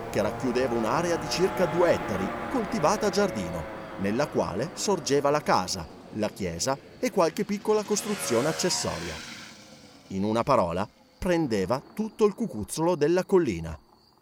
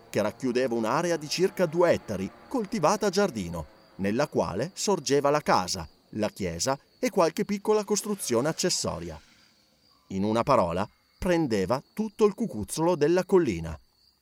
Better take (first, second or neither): second